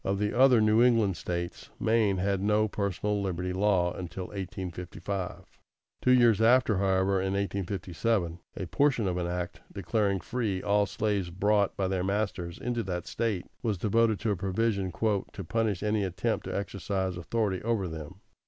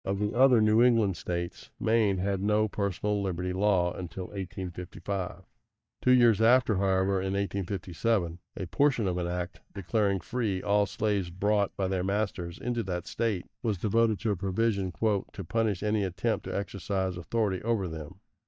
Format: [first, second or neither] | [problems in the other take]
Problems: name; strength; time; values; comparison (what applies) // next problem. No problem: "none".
first | noise reduction (neural mask model DeepFilterNet 3)